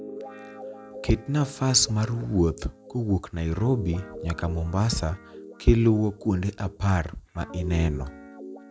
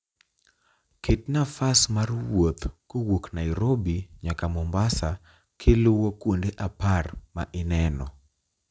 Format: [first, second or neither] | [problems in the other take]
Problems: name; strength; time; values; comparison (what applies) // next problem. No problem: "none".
second | background sound (Guitar); 16 dB below the speech